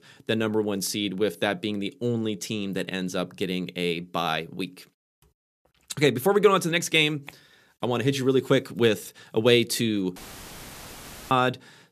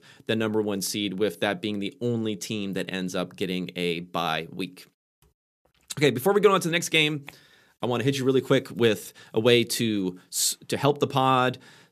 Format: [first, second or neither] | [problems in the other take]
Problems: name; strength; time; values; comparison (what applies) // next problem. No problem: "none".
second | audio cutting out; filled with static; at 10 s for 1 s